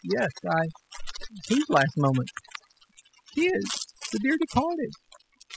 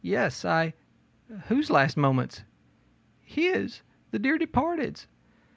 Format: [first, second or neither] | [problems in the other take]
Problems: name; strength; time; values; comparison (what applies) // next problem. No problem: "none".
second | noise reduction (classical method spectral subtraction)